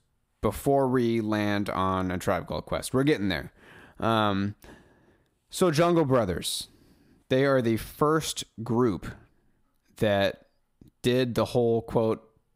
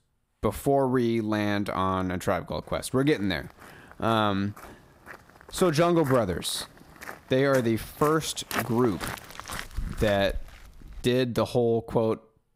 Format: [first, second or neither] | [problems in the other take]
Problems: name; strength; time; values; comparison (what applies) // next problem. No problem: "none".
first | footsteps; noticeable; from 4 to 11 s; peak 5 dB below the speech